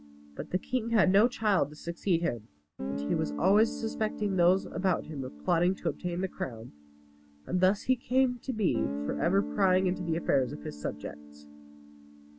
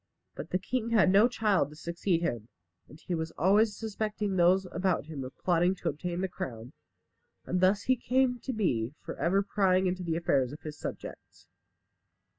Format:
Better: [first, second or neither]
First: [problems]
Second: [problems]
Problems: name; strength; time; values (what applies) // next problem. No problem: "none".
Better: second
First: background sound (Guitar); 11 dB below the speech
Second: none